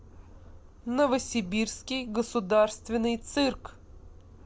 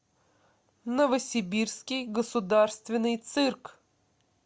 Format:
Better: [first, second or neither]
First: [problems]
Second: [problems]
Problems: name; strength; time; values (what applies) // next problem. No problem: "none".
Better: second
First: background sound (Subway, metro, underground); 18 dB below the speech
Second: none